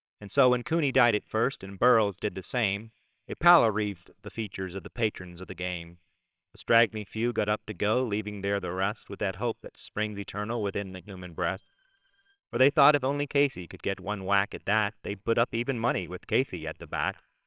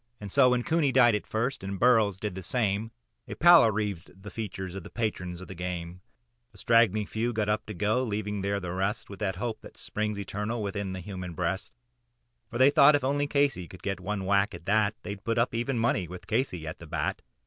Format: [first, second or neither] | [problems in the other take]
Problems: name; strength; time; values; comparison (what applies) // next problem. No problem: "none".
second | noise reduction (neural separator model SepFormer WHAMR!)